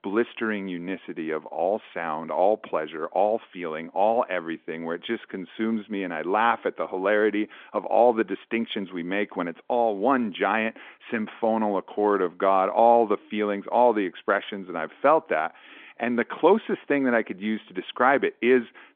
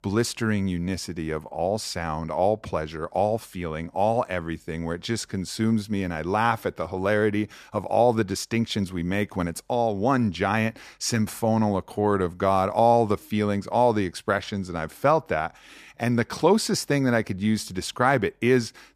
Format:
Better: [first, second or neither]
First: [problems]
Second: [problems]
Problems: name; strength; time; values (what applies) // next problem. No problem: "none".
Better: second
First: phone-call audio; nothing above 3.5 kHz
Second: none